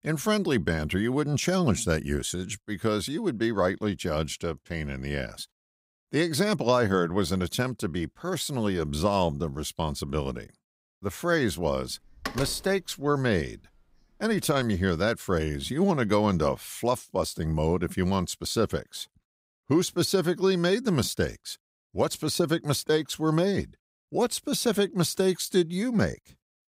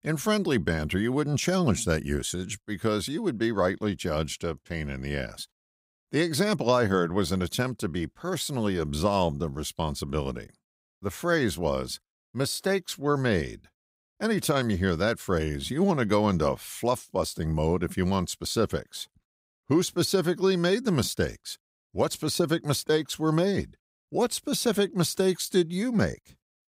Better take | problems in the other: second | door banging; noticeable; from 12 to 15 s; peak 8 dB below the speech

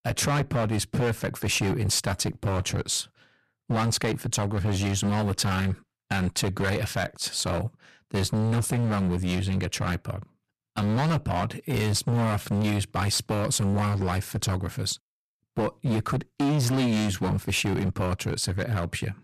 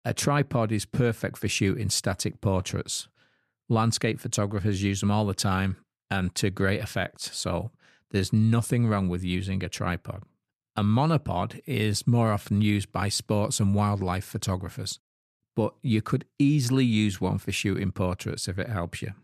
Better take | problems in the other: second | distortion; heavy; 18% of the sound clipped

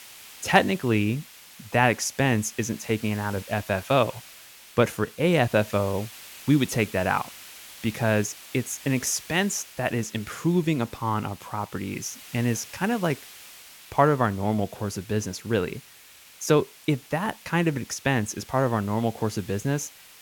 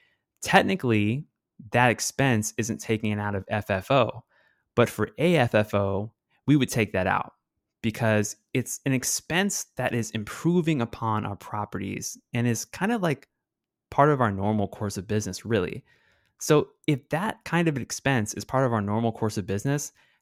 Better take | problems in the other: second | hiss; noticeable; throughout; 20 dB below the speech

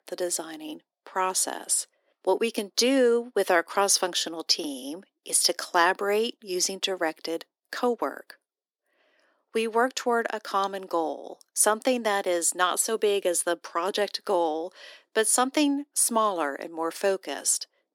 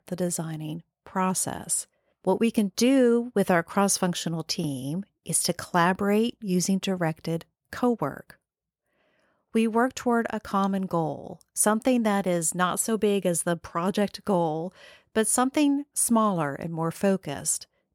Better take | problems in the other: second | thin; somewhat; fading below 300 Hz

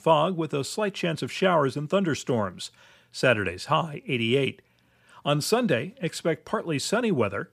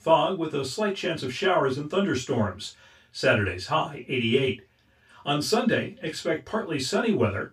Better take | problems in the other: first | room echo; very slight; dies away in 0.2 s // off-mic speech; far

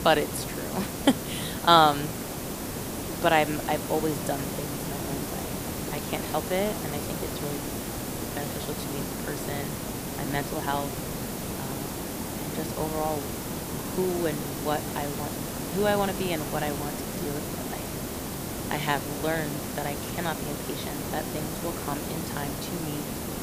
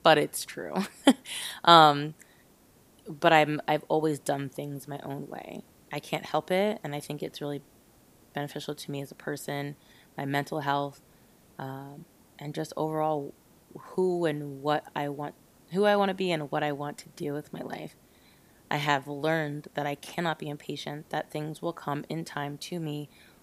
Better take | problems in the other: second | hiss; loud; throughout; 3 dB below the speech; faint in the second

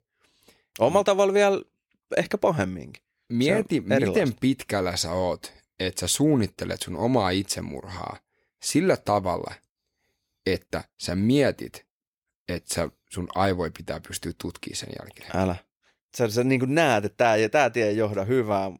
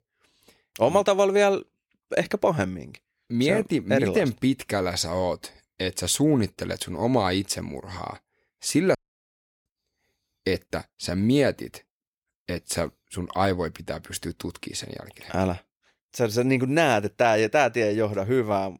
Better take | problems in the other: first | audio cutting out; at 9 s for 0.5 s

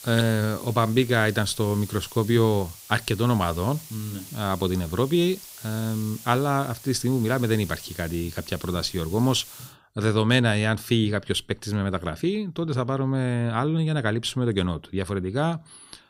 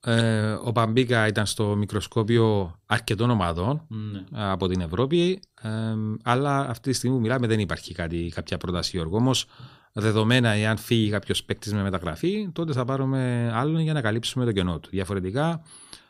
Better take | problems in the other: second | hiss; noticeable; until 9.5 s; 15 dB below the speech

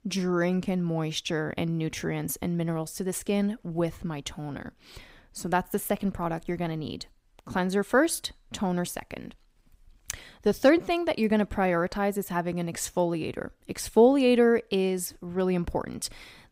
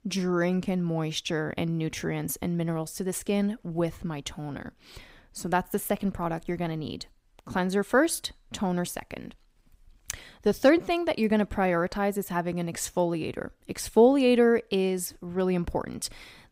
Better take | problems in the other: neither | none

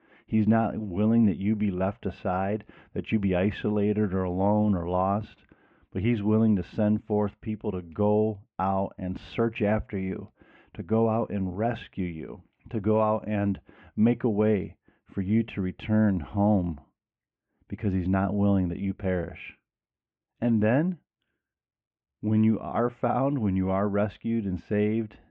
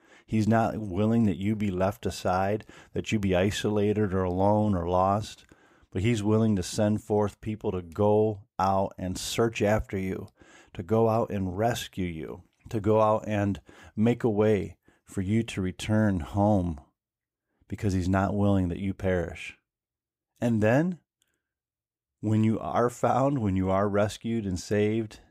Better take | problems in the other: second | muffled; very; fading above 2.5 kHz

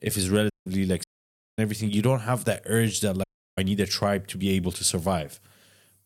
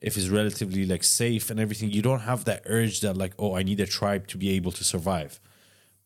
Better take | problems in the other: second | audio cutting out; at 0.5 s, at 1 s for 0.5 s and at 3 s

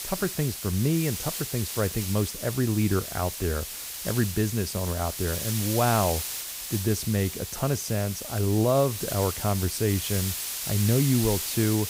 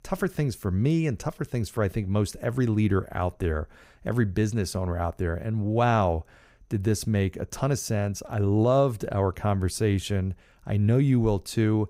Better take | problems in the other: second | hiss; loud; throughout; 5 dB below the speech

